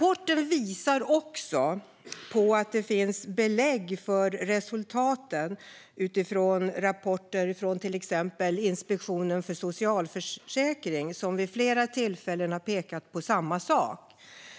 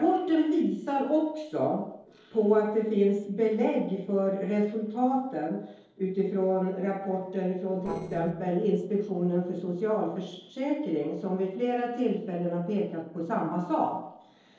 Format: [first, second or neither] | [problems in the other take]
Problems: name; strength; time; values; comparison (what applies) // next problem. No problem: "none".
first | noise reduction (neural separator model SepFormer DNS4)